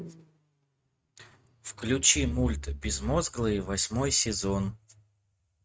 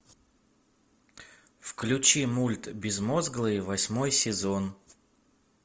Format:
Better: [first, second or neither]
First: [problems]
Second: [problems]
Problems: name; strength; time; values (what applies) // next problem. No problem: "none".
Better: second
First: noise reduction (neural mask model RNNoise)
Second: none